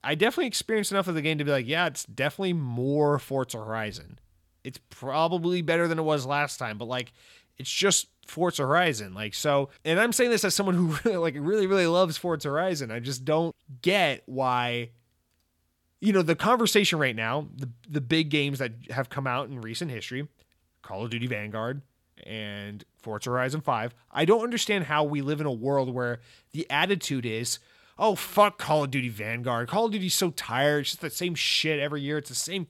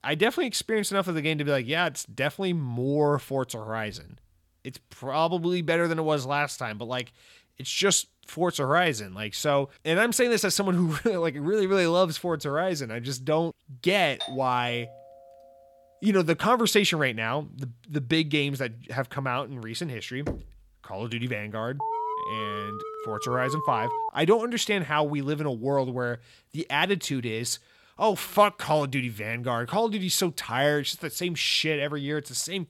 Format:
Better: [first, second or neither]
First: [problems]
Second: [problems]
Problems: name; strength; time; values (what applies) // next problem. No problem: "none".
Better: first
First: none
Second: doorbell; noticeable; at 14 s; peak 9 dB below the speech // door banging; noticeable; at 20 s; peak 10 dB below the speech // alarm; noticeable; from 22 to 24 s; peak 3 dB below the speech